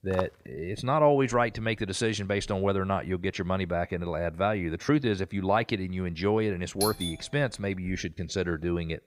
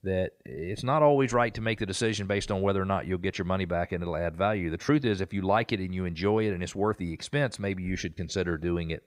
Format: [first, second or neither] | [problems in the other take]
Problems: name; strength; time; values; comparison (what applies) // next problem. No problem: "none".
second | footsteps; faint; at the start; peak 10 dB below the speech // doorbell; noticeable; at 7 s; peak 3 dB below the speech